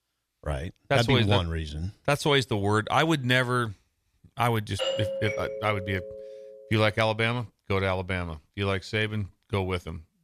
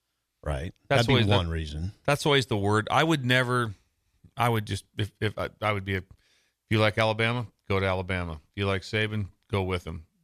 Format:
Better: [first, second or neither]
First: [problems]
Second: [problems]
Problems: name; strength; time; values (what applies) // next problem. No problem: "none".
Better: second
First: doorbell; noticeable; from 5 to 6.5 s; peak 2 dB below the speech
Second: none